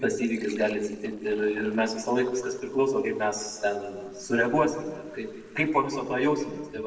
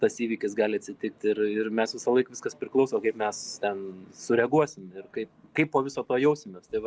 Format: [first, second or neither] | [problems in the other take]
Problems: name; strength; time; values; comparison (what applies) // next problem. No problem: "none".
second | noise reduction (neural separator model SepFormer DNS4)